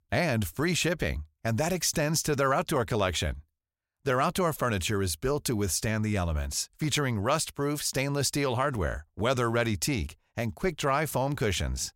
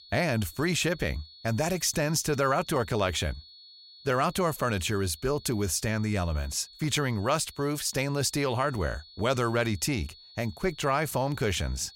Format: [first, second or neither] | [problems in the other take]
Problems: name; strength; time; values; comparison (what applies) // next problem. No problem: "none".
first | high-pitched whine; faint; throughout; 4.5 kHz, 20 dB below the speech